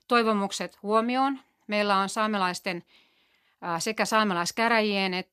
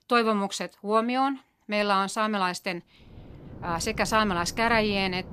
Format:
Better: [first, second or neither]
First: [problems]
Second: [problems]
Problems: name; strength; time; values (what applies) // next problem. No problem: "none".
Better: first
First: none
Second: rain or running water; noticeable; throughout; 15 dB below the speech